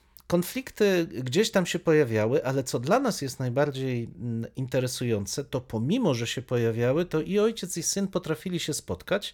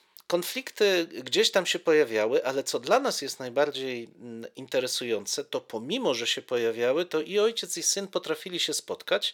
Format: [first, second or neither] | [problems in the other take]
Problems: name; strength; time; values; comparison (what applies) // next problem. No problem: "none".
first | thin; somewhat; fading below 400 Hz